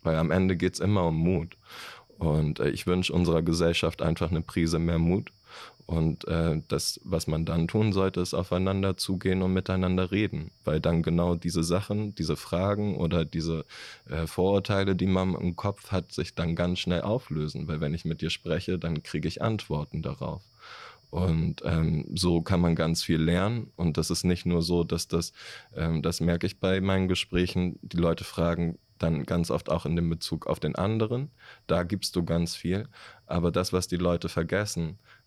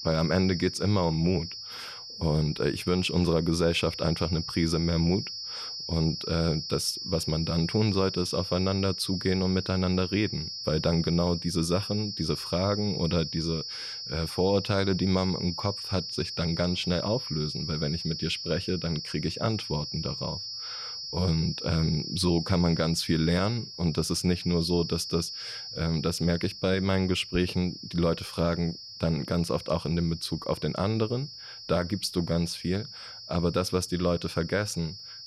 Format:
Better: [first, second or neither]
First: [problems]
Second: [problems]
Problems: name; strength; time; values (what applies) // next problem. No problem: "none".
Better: first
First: high-pitched whine; faint; throughout; 5 kHz, 35 dB below the speech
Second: high-pitched whine; loud; throughout; 5 kHz, 7 dB below the speech